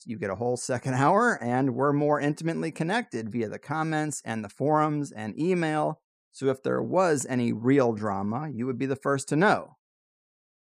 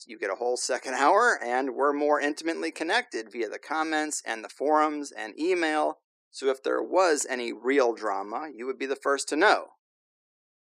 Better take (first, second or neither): first